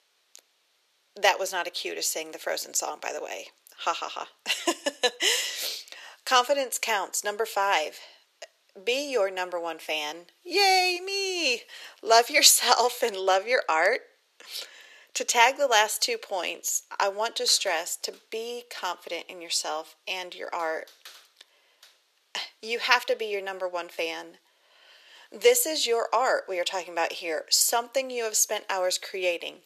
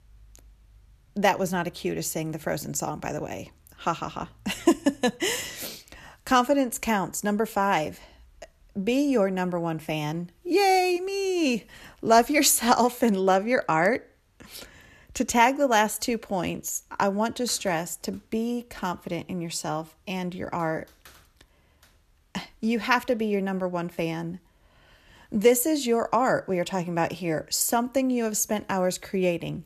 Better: second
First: thin; very; fading below 450 Hz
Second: none

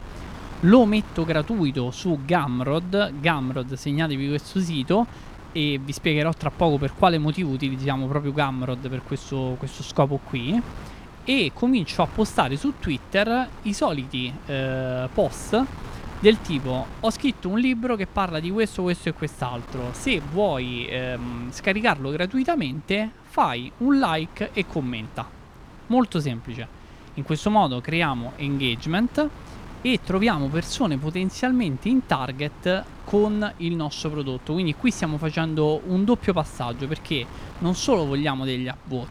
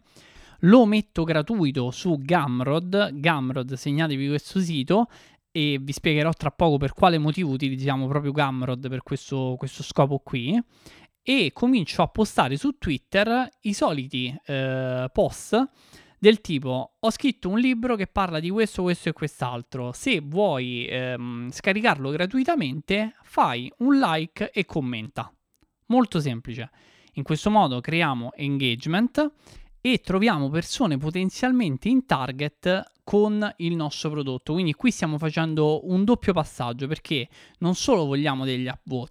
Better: second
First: wind noise on the microphone; occasional gusts; 20 dB below the speech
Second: none

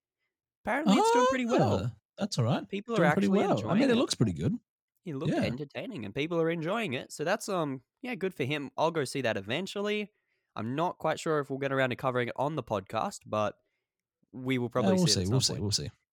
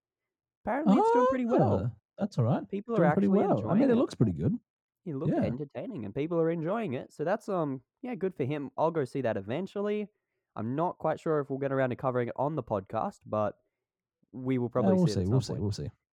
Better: first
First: none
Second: muffled; very; fading above 2 kHz

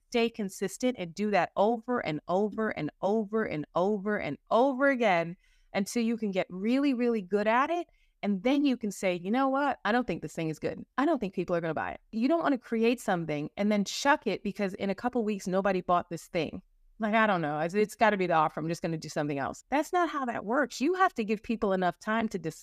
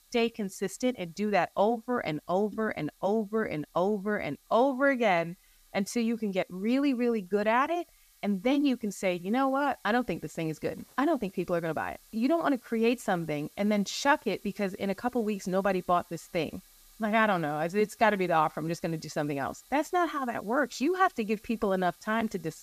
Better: first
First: none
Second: hiss; faint; throughout; 30 dB below the speech

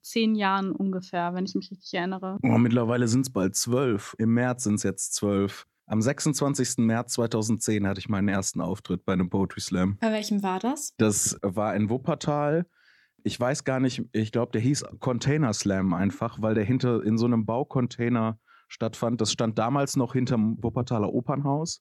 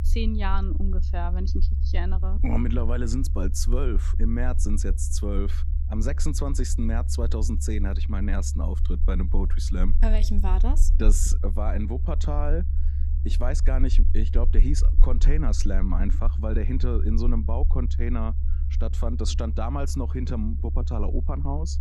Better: first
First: none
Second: low rumble; noticeable; throughout; 10 dB below the speech

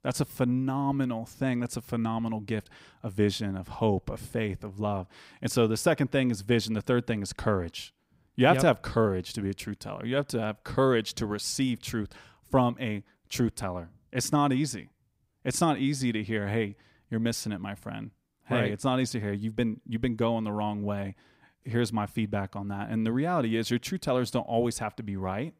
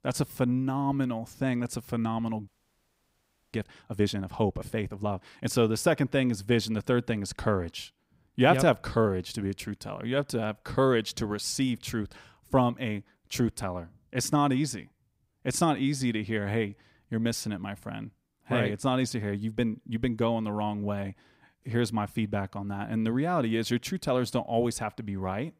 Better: first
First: none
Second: audio freezing; at 2.5 s for 1 s

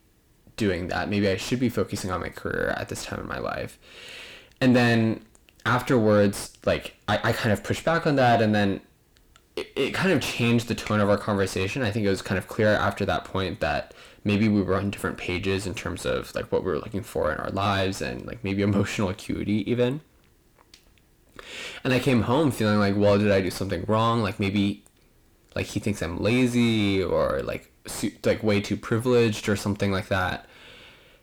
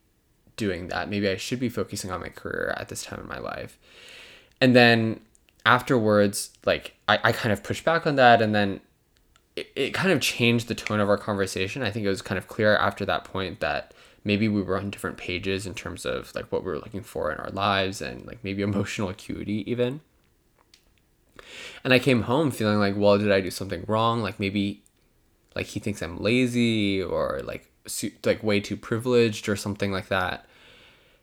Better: second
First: distortion; heavy; 7 dB below the speech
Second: none

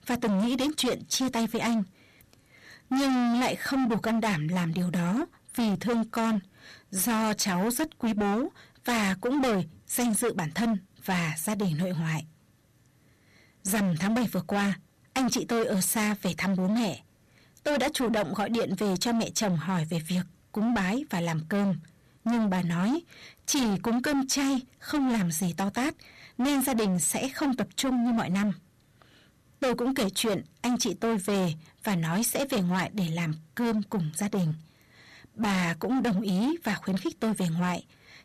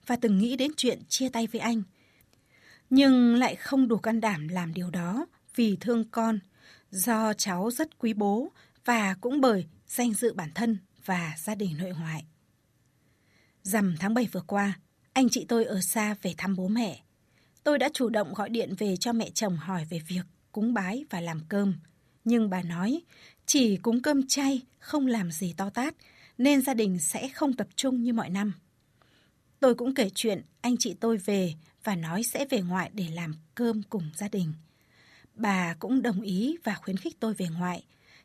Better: second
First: distortion; heavy; 23% of the sound clipped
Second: none

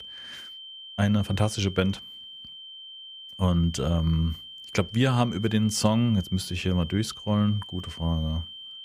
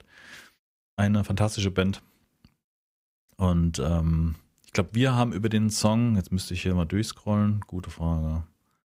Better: second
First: high-pitched whine; noticeable; throughout; 3 kHz, 15 dB below the speech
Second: none

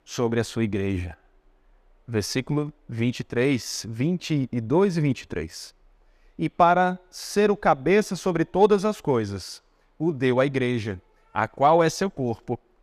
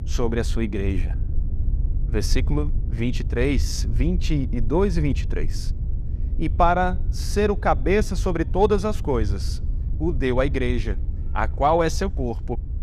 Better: first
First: none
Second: low rumble; faint; throughout; 20 dB below the speech

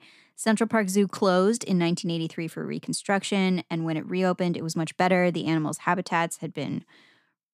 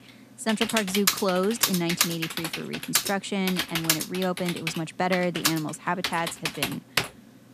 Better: first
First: none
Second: keyboard typing; loud; until 7 s; peak 5 dB above the speech

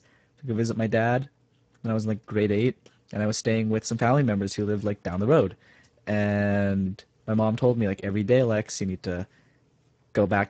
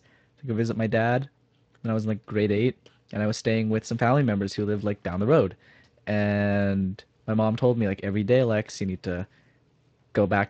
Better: second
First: garbled, watery; badly; nothing above 7.5 kHz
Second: garbled, watery; slightly; nothing above 7.5 kHz

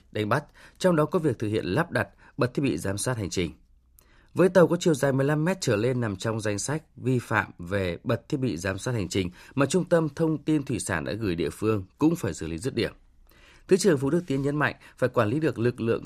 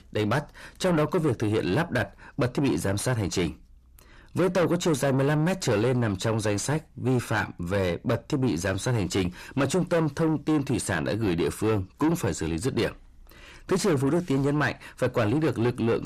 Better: first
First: none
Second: distortion; heavy; 7 dB below the speech

